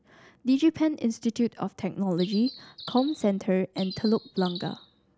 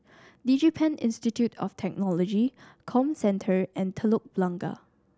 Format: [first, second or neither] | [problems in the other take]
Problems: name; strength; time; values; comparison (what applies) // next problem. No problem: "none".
second | background sound (Bird); 16 dB below the speech